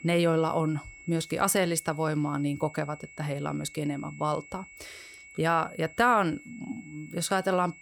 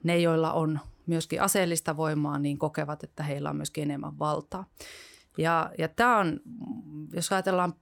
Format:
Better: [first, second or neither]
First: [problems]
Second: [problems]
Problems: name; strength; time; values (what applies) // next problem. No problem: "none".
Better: second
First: high-pitched whine; noticeable; throughout; 2 kHz, 20 dB below the speech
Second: none